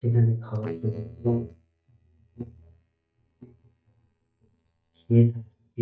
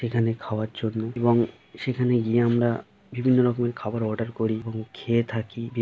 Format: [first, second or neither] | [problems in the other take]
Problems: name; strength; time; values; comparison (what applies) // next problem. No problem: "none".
second | noise reduction (neural mask model DeepFilterNet 3)